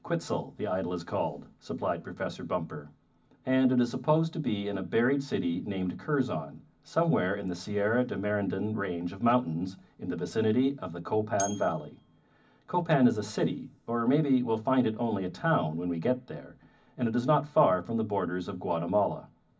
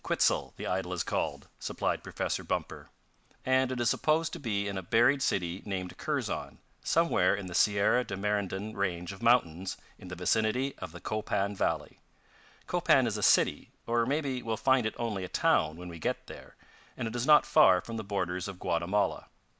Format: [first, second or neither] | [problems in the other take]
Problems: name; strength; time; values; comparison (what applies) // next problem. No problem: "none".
second | background sound (Bell); 14 dB below the speech // room echo; dies away in 0.4 s